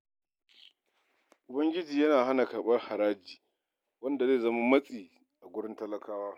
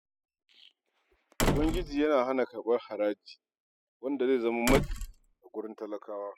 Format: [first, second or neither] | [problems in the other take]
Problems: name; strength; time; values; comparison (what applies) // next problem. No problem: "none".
first | noise reduction (classical method spectral subtraction)